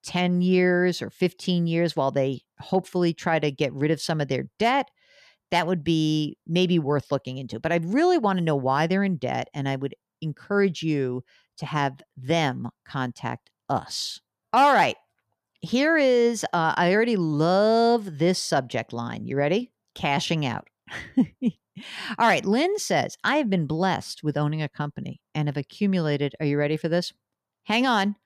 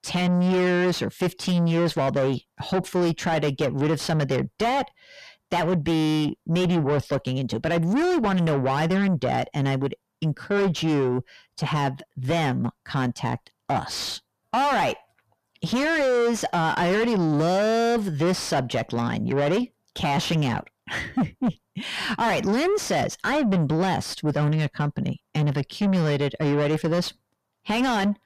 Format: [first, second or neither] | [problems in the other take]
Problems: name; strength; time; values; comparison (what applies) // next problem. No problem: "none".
first | distortion; heavy; 6 dB below the speech